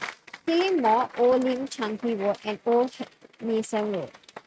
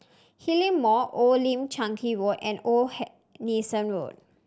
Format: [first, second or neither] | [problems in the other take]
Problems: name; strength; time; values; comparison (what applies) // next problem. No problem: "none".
second | noise reduction (neural mask model RNNoise)